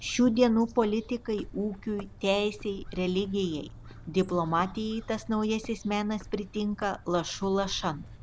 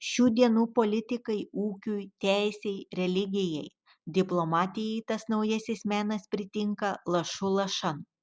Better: second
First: background sound (Bird); 17 dB below the speech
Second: none

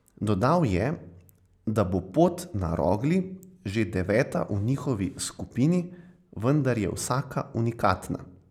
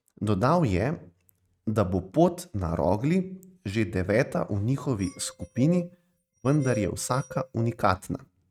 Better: first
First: none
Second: noise reduction (neural mask model RNNoise)

